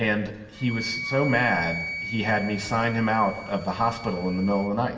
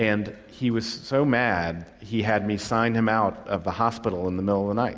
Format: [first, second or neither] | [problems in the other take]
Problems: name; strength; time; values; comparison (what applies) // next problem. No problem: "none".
second | background sound (Wind instrument, woodwind instrument); 11 dB below the speech // room echo; dies away in 0.9 s